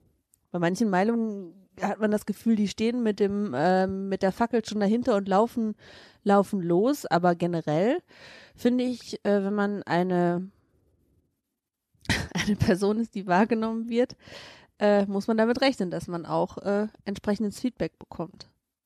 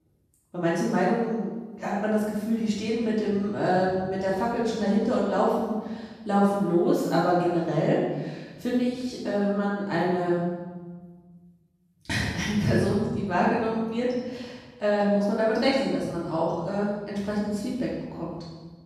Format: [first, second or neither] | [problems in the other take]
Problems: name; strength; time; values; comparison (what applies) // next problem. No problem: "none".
first | off-mic speech; far // room echo; strong; dies away in 1.2 s